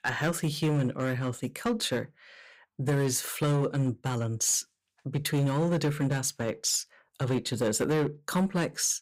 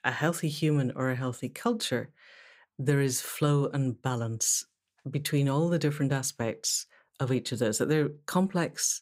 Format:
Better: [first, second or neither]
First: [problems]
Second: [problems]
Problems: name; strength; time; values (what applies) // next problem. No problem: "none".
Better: second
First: distortion; slight; 7% of the sound clipped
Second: none